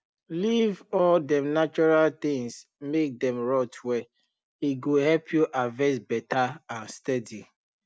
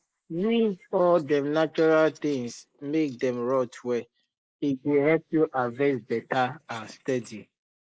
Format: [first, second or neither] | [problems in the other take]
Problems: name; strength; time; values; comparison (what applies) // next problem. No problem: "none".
first | noise reduction (neural mask model Resemble Enhance denoiser)